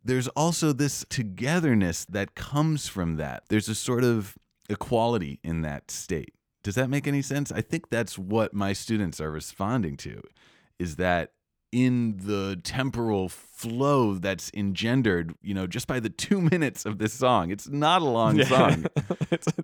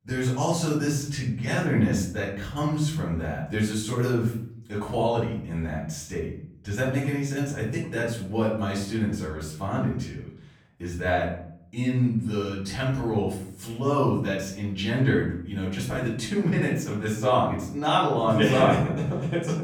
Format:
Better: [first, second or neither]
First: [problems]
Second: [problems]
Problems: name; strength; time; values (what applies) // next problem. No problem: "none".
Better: first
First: none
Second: room echo; noticeable; dies away in 0.6 s // off-mic speech; far